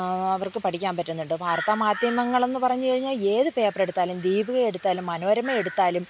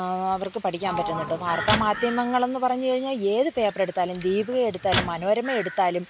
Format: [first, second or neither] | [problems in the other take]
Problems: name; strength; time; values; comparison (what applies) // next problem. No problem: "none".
first | background sound (Sliding door + Microwave oven); 9 dB below the speech